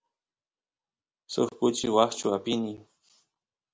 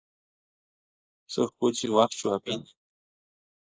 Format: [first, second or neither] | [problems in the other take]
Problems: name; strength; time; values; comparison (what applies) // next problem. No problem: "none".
first | noise reduction (neural mask model Resemble Enhance denoiser)